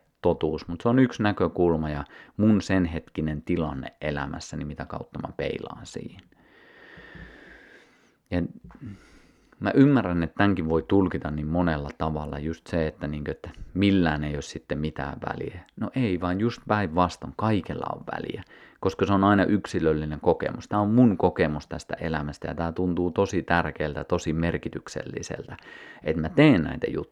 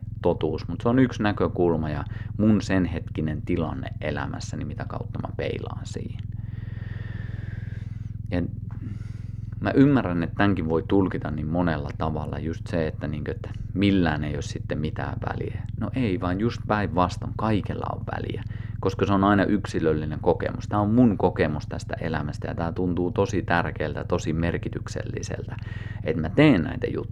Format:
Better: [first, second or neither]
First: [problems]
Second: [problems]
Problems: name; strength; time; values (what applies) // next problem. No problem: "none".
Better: first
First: none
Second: low rumble; faint; throughout; 20 dB below the speech